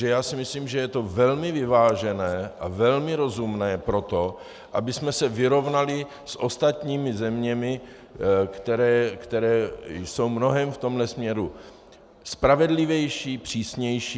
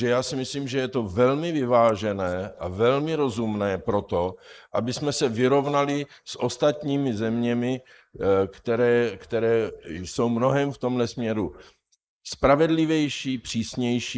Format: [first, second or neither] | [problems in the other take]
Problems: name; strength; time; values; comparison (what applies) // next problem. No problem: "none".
first | noise reduction (neural mask model Resemble Enhance denoiser)